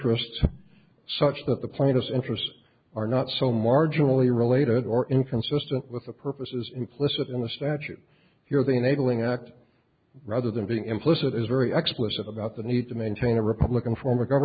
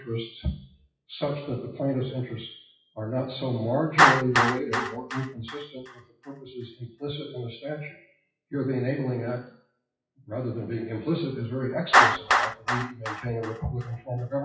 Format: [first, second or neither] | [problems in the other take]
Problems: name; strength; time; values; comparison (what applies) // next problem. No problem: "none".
first | noise reduction (classical method WPE with log-MMSE)